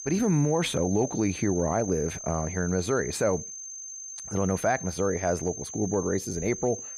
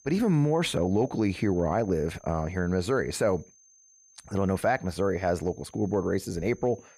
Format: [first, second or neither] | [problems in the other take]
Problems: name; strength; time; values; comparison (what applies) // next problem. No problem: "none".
second | high-pitched whine; loud; throughout; 6.5 kHz, 9 dB below the speech; faint in the second